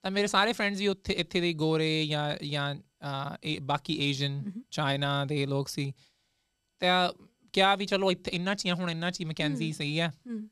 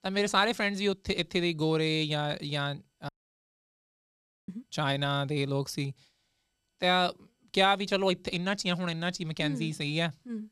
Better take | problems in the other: first | audio cutting out; at 3 s for 1.5 s

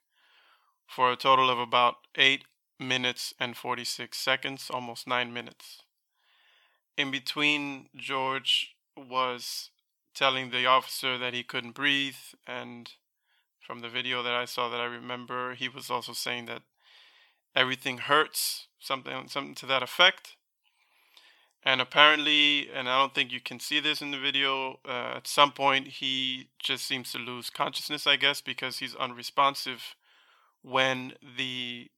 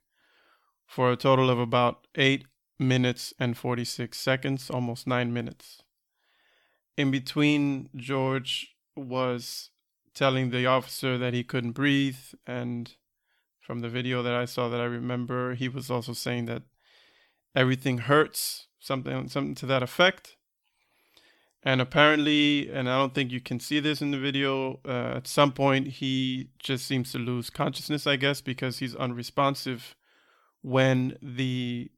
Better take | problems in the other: second | thin; somewhat; fading below 900 Hz

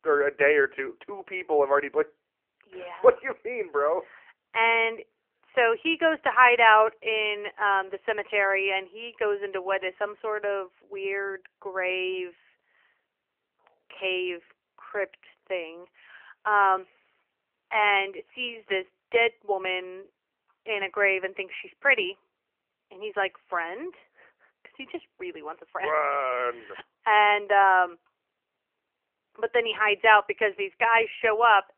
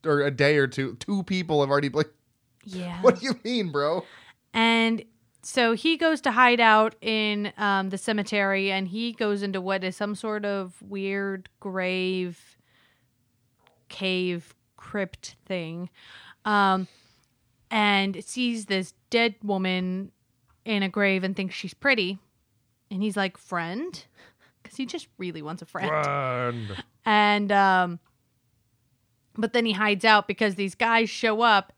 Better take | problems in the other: second | phone-call audio; nothing above 3 kHz

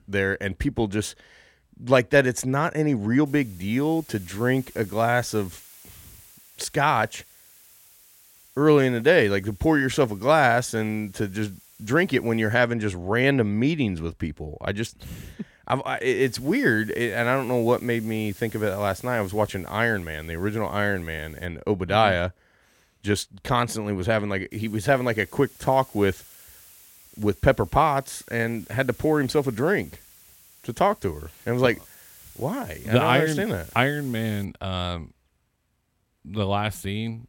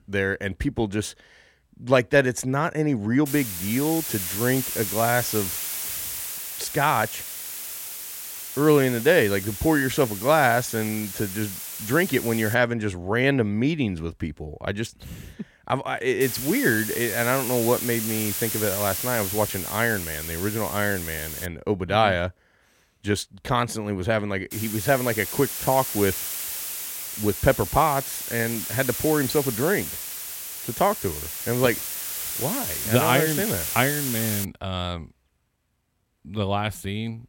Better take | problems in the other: first | hiss; loud; from 3.5 to 13 s, from 16 to 21 s and from 25 to 34 s; 5 dB below the speech; faint in the first

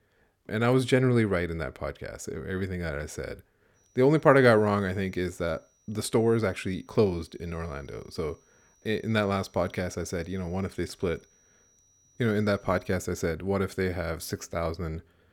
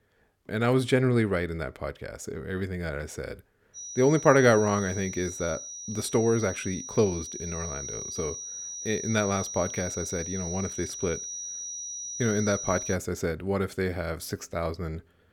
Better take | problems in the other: first | high-pitched whine; loud; from 4 to 13 s; 6 kHz, 7 dB below the speech; faint in the first

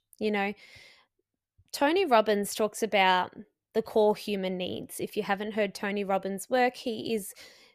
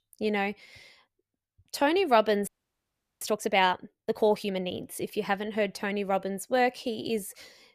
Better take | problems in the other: first | audio freezing; at 2.5 s for 0.5 s

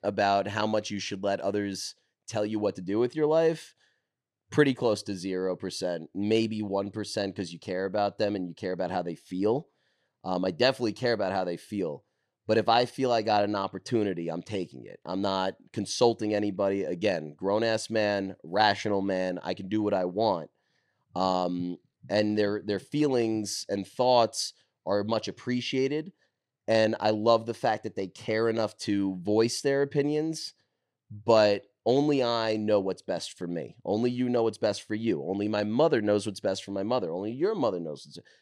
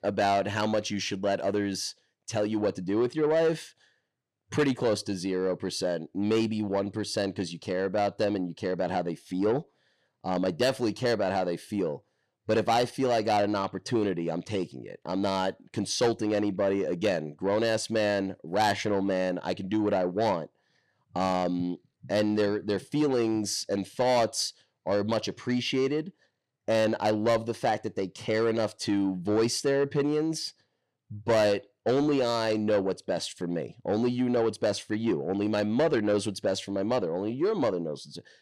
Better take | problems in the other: first | distortion; slight; 10 dB below the speech

